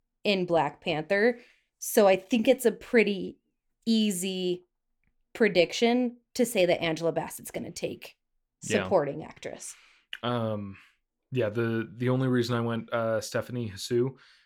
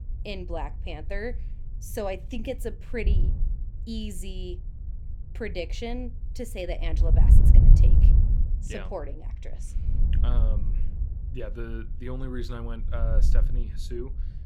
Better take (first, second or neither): first